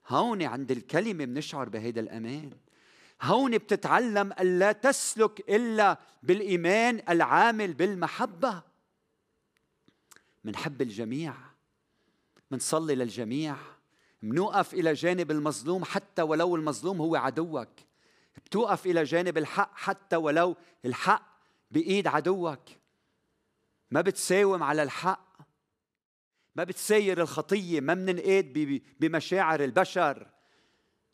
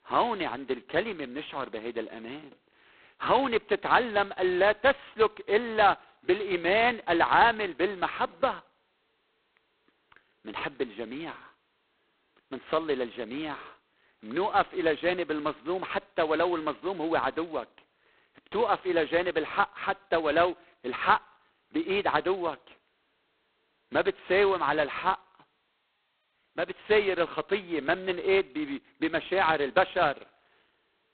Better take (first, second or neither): first